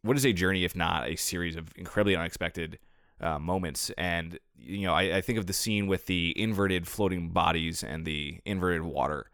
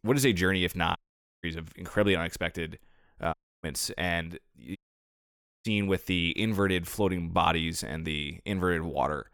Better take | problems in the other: first | audio cutting out; at 1 s, at 3.5 s and at 5 s for 1 s

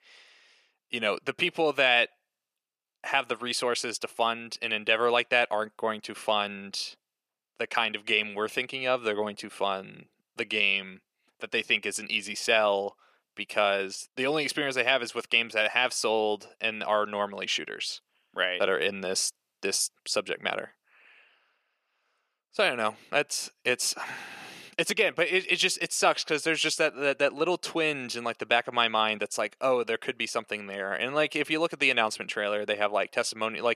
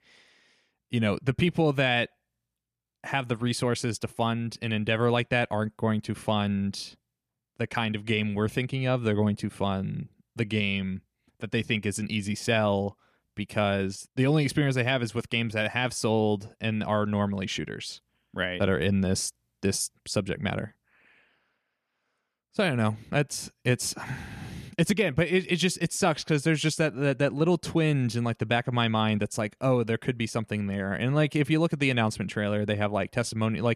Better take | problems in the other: second | thin; very; fading below 500 Hz

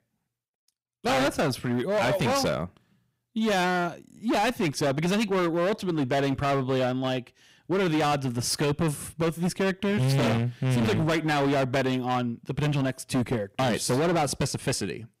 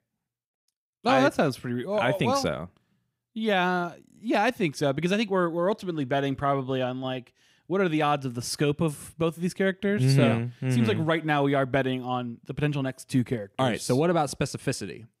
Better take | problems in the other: second | distortion; heavy; 22% of the sound clipped

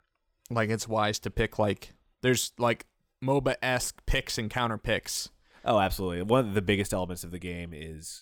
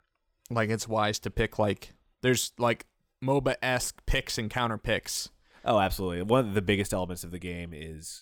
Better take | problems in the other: neither | none

